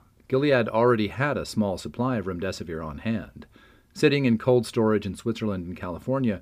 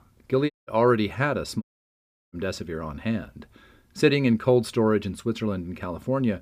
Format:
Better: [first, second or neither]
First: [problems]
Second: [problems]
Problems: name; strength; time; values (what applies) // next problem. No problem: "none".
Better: first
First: none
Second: audio cutting out; at 0.5 s and at 1.5 s for 0.5 s